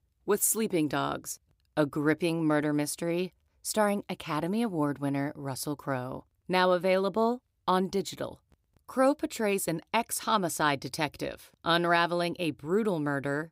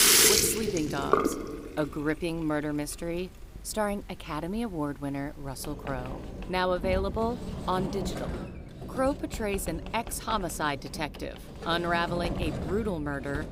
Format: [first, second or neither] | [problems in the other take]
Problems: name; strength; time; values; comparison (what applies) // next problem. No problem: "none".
first | household noises; very loud; throughout; 2 dB above the speech